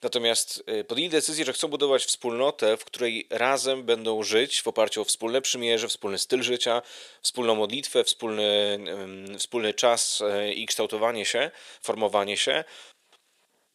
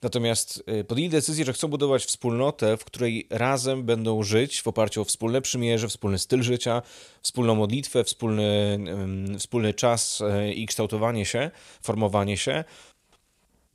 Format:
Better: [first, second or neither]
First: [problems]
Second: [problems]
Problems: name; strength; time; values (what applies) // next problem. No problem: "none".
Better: second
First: thin; somewhat; fading below 450 Hz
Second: none